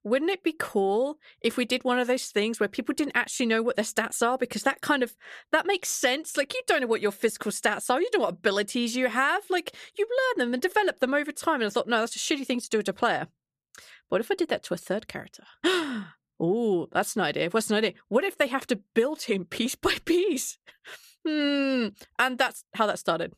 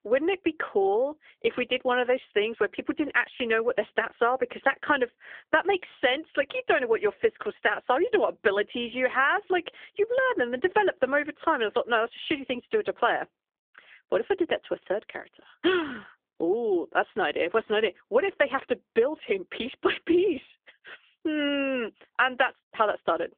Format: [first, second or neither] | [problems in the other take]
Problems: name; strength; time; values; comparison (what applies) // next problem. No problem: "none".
first | phone-call audio; nothing above 3.5 kHz